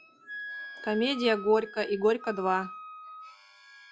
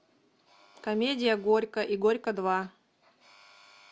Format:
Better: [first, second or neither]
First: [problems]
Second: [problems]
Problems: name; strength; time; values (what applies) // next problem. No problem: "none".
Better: second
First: noise reduction (classical method log-MMSE)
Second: none